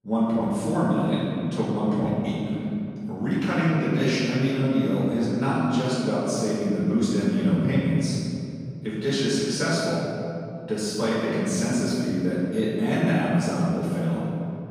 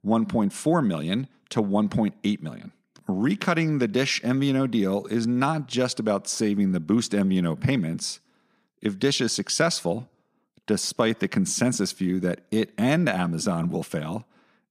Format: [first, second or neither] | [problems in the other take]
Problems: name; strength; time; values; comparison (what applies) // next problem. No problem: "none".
second | room echo; strong; dies away in 2.7 s // off-mic speech; far